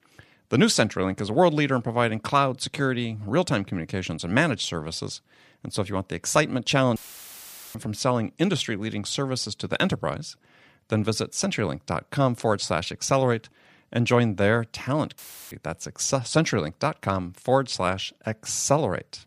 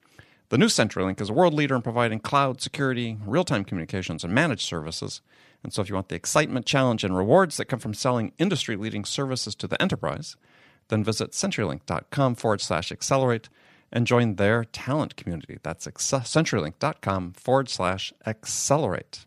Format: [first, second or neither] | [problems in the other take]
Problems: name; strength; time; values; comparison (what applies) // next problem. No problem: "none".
second | audio cutting out; filled with static; at 7 s for 1 s and at 15 s